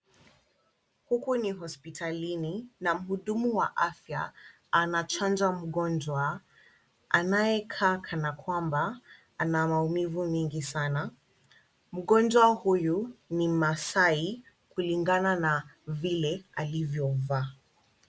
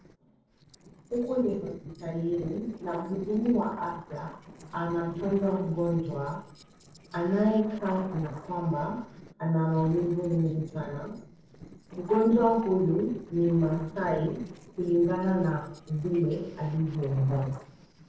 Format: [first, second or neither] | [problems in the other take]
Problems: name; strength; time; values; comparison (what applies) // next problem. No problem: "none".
first | noise reduction (neural separator model SepFormer DNS4)